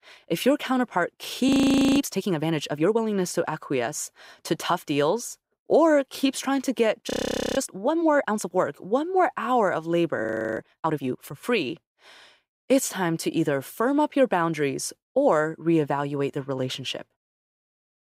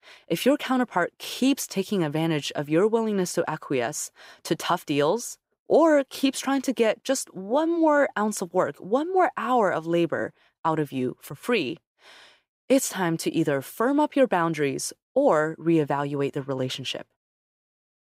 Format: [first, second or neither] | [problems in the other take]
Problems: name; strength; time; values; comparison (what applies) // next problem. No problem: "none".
second | audio freezing; at 1.5 s, at 7 s and at 10 s